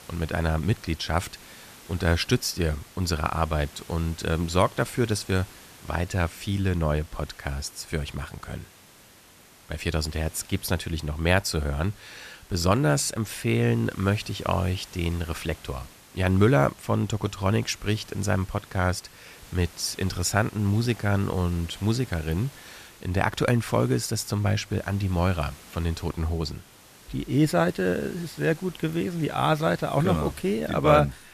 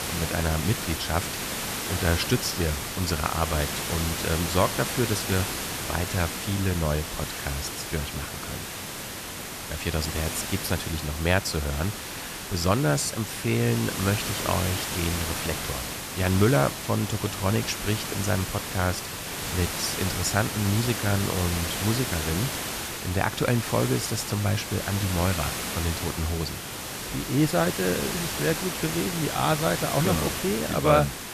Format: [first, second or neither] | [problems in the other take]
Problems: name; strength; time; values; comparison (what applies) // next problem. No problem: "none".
first | hiss; loud; throughout; 3 dB below the speech; faint in the first